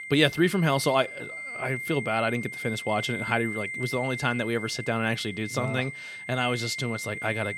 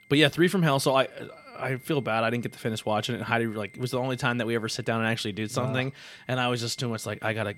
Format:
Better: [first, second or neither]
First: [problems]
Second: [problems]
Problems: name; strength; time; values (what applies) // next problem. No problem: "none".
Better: second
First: high-pitched whine; loud; throughout; 2 kHz, 7 dB below the speech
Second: high-pitched whine; faint; throughout; 2 kHz, 25 dB below the speech